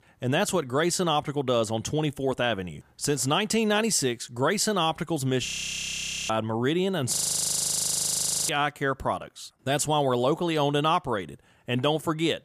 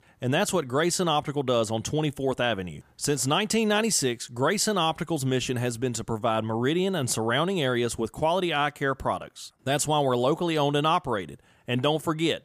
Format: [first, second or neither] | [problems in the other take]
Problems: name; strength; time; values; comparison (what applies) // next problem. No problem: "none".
second | audio freezing; at 5.5 s for 1 s and at 7 s for 1.5 s